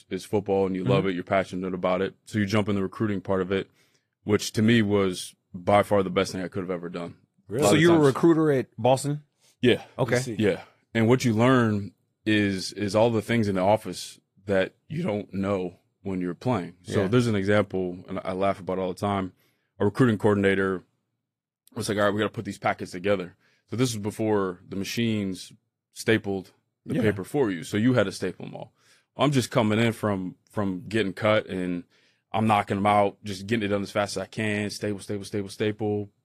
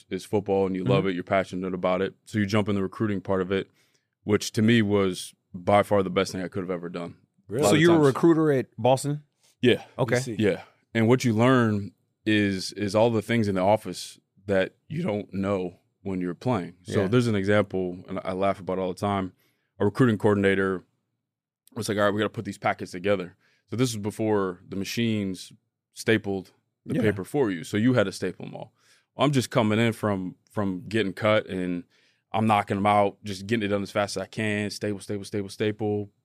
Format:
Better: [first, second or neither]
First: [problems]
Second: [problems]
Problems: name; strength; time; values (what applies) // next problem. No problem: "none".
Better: second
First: garbled, watery; slightly; nothing above 15 kHz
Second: none